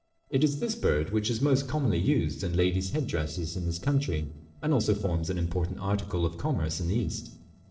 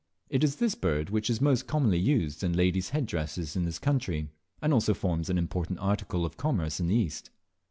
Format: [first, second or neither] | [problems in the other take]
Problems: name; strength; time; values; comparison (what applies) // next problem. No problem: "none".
second | noise reduction (neural separator model SepFormer DNS4)